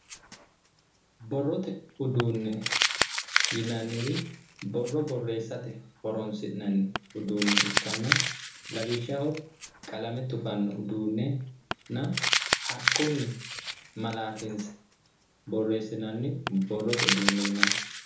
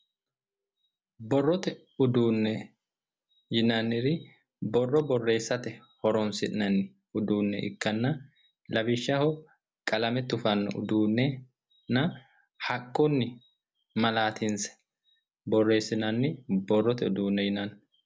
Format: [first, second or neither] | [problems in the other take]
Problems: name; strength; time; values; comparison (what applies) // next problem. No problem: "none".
second | background sound (Crumpling, crinkling); 1 dB below the speech // room echo; dies away in 0.9 s